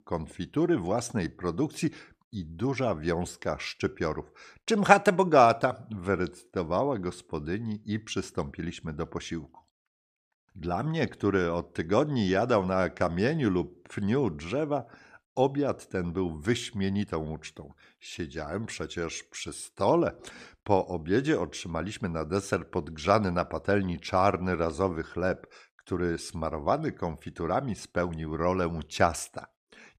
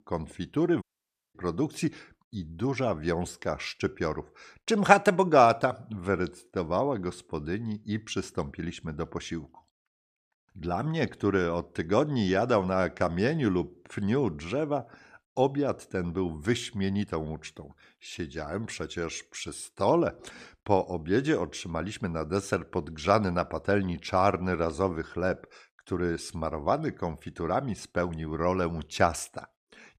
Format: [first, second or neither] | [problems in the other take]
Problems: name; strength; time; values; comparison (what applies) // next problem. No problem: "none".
first | audio cutting out; at 1 s for 0.5 s